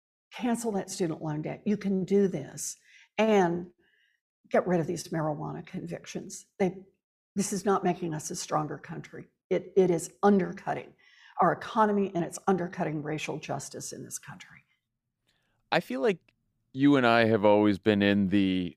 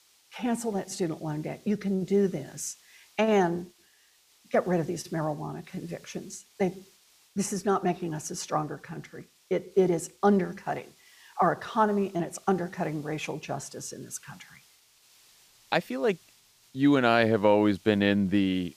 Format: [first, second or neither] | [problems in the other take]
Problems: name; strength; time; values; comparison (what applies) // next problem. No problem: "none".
first | hiss; faint; throughout; 30 dB below the speech